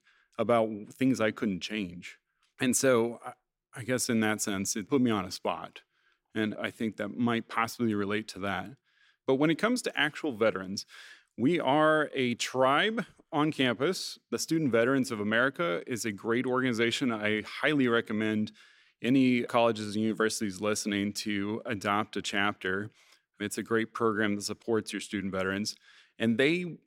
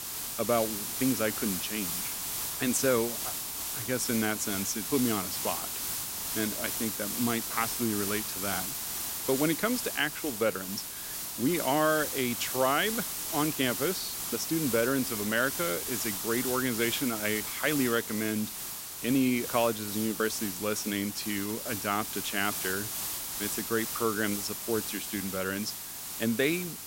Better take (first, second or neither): first